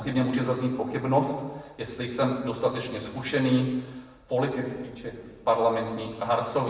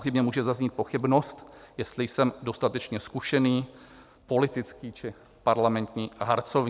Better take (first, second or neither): second